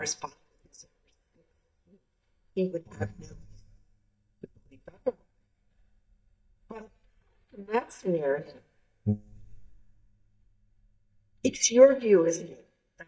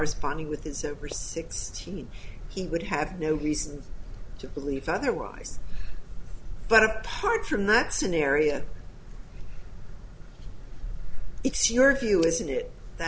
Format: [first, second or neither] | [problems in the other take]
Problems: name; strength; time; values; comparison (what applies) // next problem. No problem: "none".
second | noise reduction (neural mask model DeepFilterNet 3)